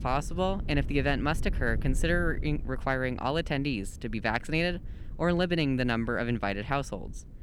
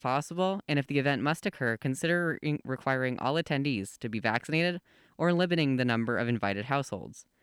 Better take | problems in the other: second | wind noise on the microphone; occasional gusts; 25 dB below the speech

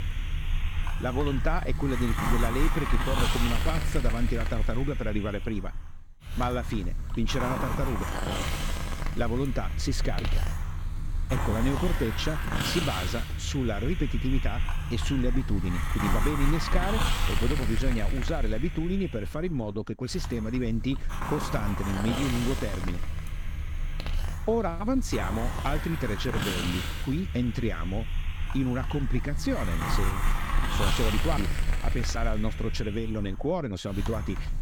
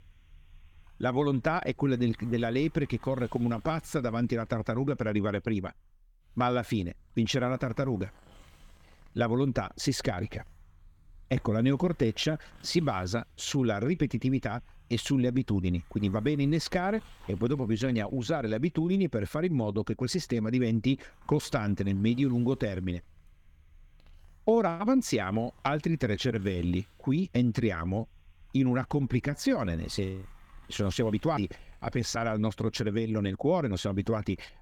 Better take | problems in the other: second | hiss; loud; throughout; 1 dB below the speech; faint in the second

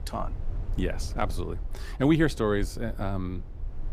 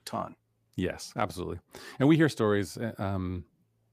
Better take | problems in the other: second | low rumble; faint; throughout; 20 dB below the speech

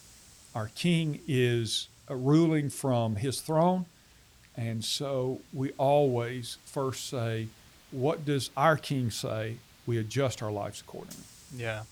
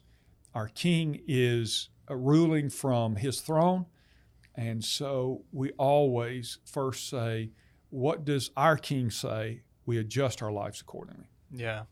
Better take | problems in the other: second | hiss; faint; throughout; 25 dB below the speech

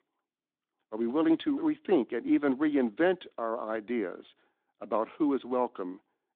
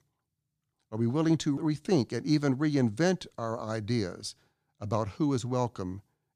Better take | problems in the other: second | phone-call audio; nothing above 3.5 kHz

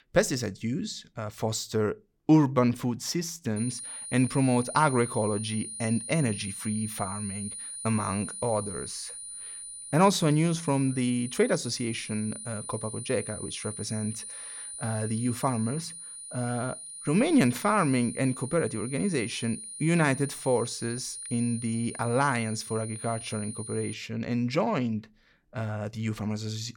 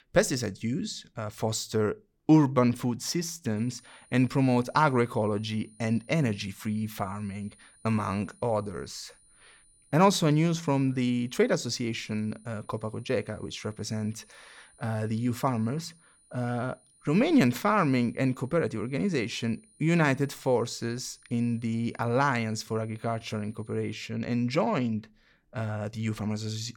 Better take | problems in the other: second | high-pitched whine; loud; from 3.5 to 24 s; 9.5 kHz, 9 dB below the speech; faint in the second

